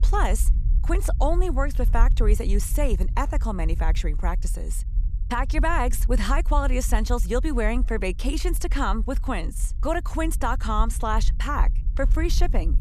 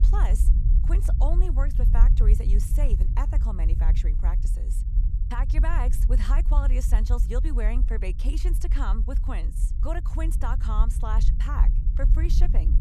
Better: first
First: low rumble; faint; throughout; 20 dB below the speech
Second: low rumble; loud; throughout; 8 dB below the speech

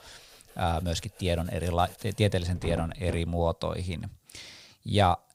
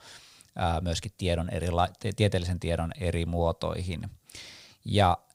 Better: second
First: household noises; noticeable; until 3.5 s; 15 dB below the speech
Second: none

